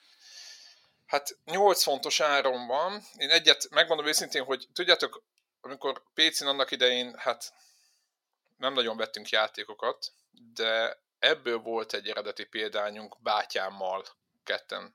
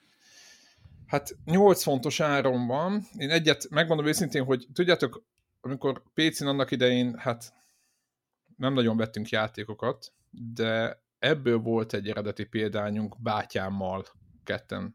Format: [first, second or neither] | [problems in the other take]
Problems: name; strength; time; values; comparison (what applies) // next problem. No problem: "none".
second | thin; very; fading below 650 Hz